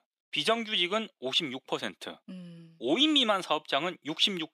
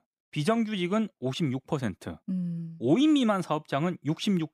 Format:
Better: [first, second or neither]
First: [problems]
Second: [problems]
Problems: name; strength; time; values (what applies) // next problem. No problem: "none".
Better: second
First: thin; somewhat; fading below 400 Hz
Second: none